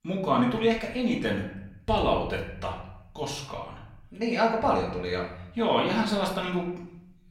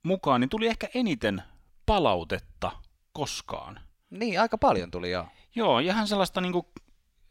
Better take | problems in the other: second | room echo; slight; dies away in 0.8 s // off-mic speech; far

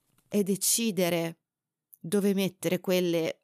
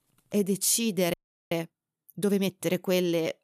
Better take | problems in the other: first | audio freezing; at 1 s

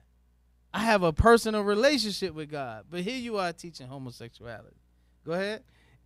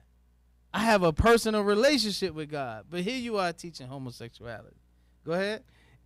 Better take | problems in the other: first | distortion; slight; 1.4% of the sound clipped

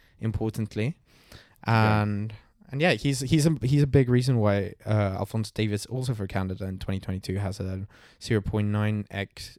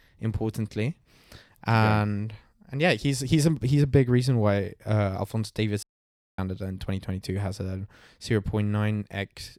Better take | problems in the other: first | audio cutting out; at 6 s for 0.5 s

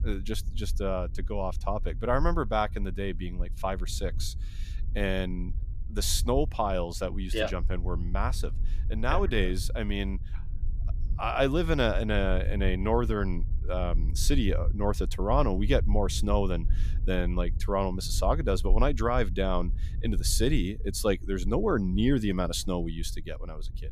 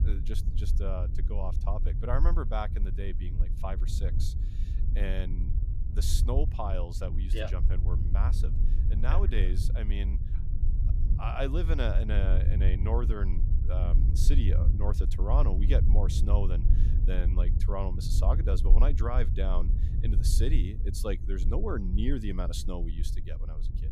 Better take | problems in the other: first | low rumble; loud; throughout; 9 dB below the speech; faint in the first

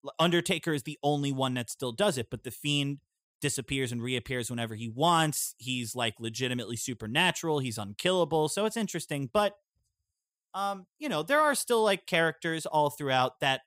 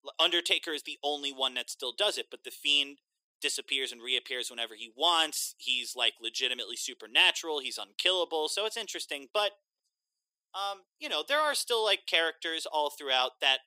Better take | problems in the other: first | thin; very; fading below 350 Hz

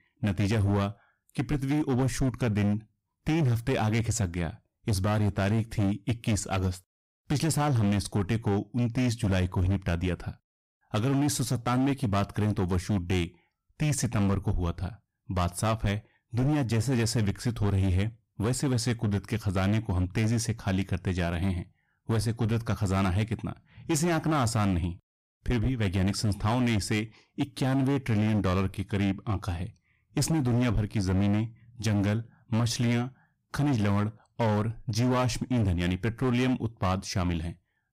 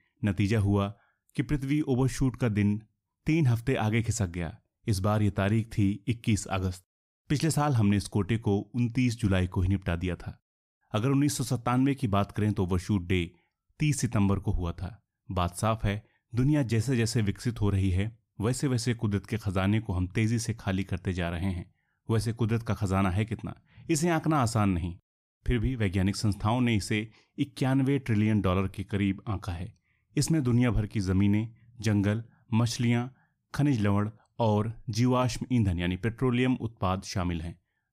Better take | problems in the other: second | distortion; slight; 16% of the sound clipped

